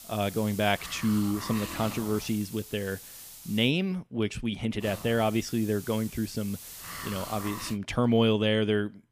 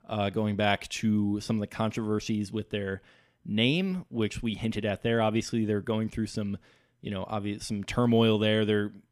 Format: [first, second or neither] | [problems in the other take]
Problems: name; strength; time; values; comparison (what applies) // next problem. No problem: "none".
second | hiss; noticeable; until 3.5 s and from 5 to 7.5 s; 10 dB below the speech